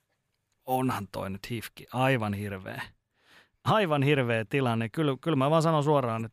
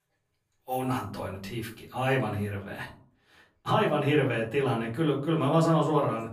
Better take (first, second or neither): first